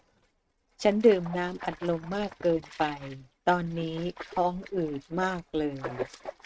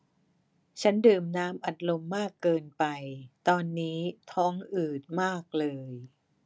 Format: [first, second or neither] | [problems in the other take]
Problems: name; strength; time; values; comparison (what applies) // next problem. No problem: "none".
second | noise reduction (neural mask model RNNoise)